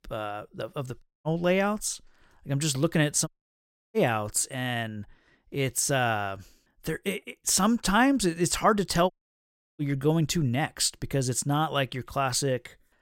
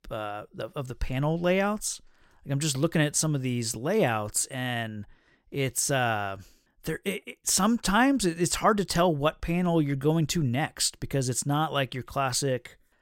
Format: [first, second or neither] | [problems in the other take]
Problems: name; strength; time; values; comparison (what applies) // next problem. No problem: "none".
second | audio cutting out; at 1 s, at 3.5 s for 0.5 s and at 9 s for 0.5 s